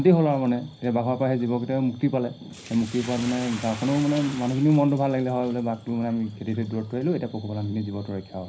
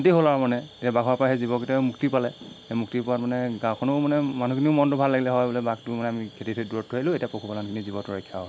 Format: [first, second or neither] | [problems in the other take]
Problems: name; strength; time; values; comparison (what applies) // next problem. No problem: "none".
second | background sound (Bathtub (filling or washing)); 20 dB below the speech // room echo; dies away in 0.5 s